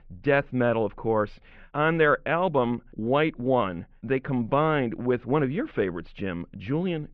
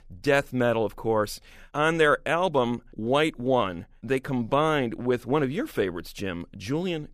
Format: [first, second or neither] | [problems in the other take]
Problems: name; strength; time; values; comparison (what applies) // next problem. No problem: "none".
second | muffled; very; fading above 3 kHz